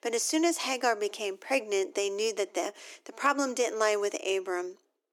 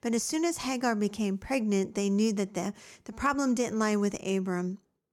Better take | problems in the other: second | thin; very; fading below 300 Hz

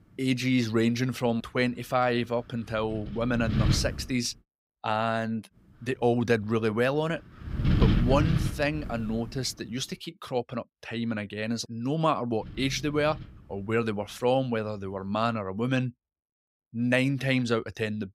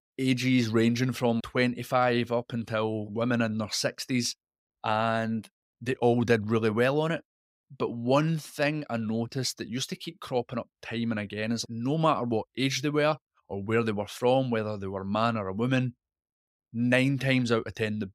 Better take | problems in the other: second | wind noise on the microphone; heavy; until 4.5 s, from 5.5 to 10 s and from 12 to 15 s; 9 dB below the speech

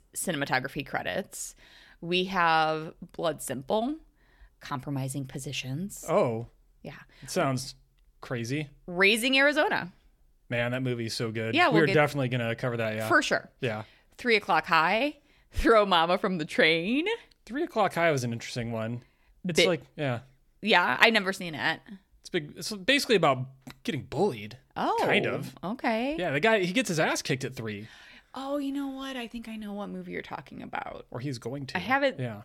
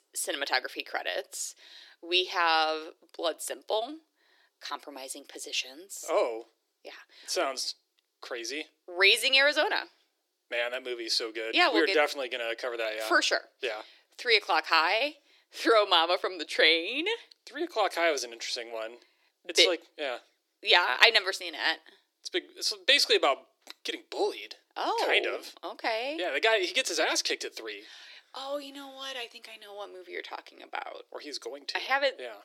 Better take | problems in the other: first | thin; very; fading below 350 Hz

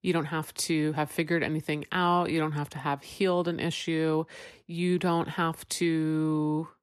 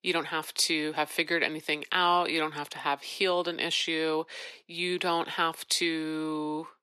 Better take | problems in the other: first | thin; somewhat; fading below 400 Hz

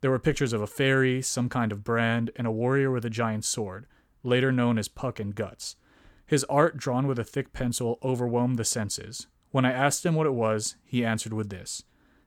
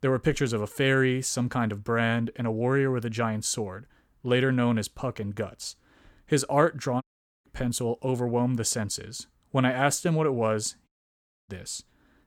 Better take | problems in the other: first | audio cutting out; at 7 s and at 11 s for 0.5 s

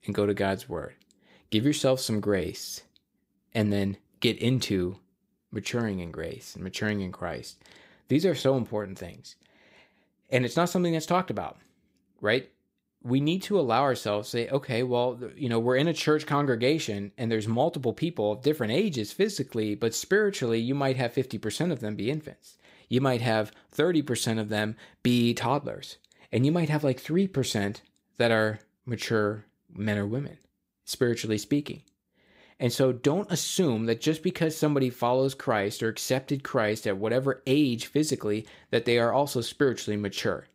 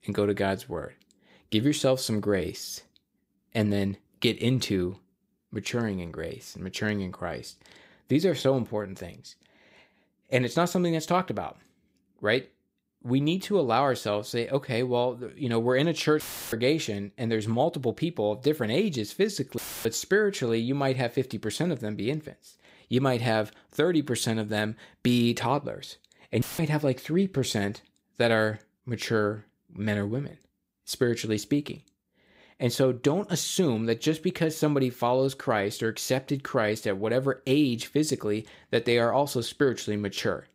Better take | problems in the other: first | audio cutting out; filled with static; at 16 s, at 20 s and at 26 s

